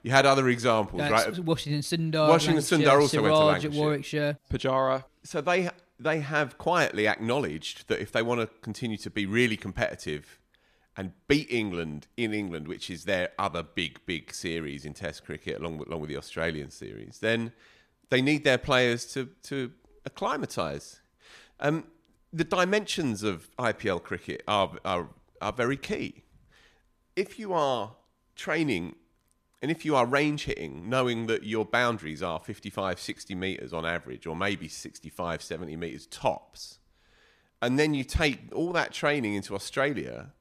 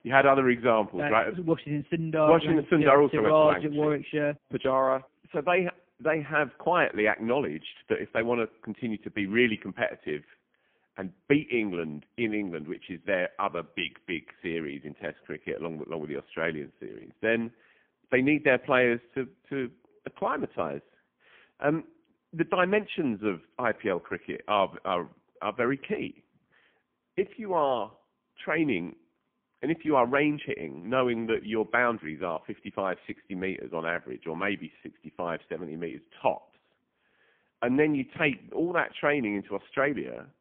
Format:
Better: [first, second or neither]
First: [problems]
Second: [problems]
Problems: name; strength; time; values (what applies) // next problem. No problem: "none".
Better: first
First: none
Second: phone-call audio; poor line; nothing above 3.5 kHz